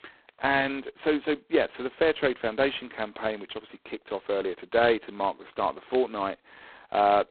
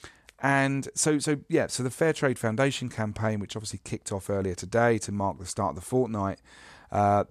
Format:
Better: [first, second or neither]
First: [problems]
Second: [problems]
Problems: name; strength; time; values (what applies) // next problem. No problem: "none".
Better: second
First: phone-call audio; poor line; nothing above 4 kHz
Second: none